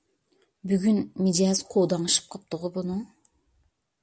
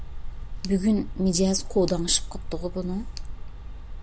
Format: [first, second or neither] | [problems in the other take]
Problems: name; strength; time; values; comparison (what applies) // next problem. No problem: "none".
first | background sound (Tick); 6 dB below the speech